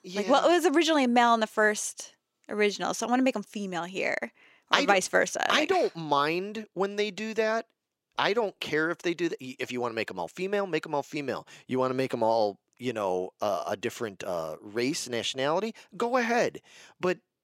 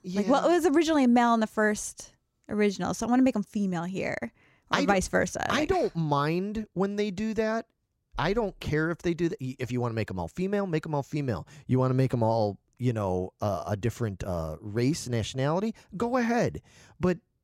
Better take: second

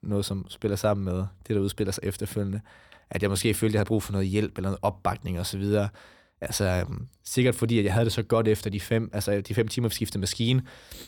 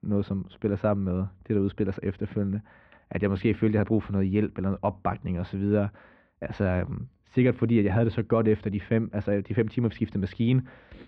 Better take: first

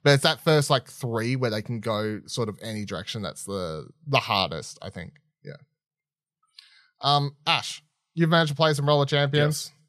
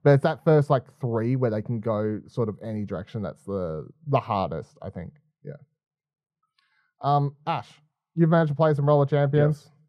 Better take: first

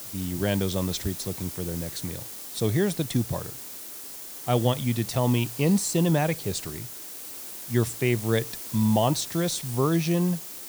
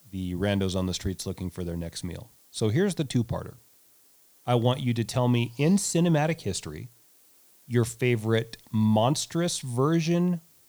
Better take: second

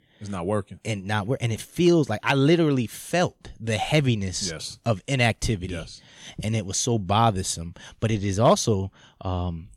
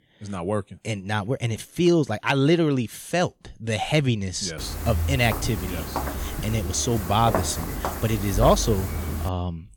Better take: first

